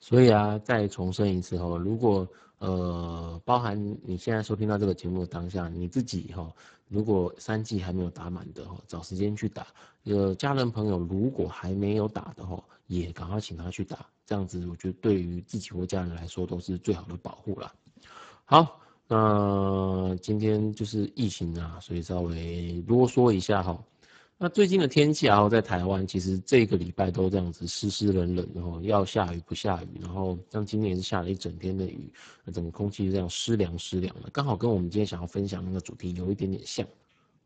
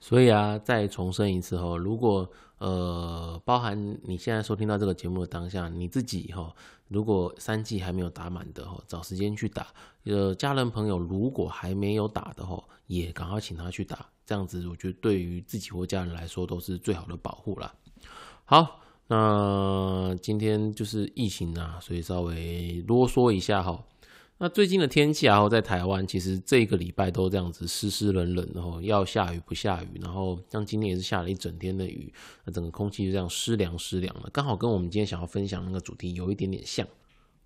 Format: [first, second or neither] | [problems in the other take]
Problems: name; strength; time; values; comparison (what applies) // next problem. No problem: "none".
second | garbled, watery; badly; nothing above 7.5 kHz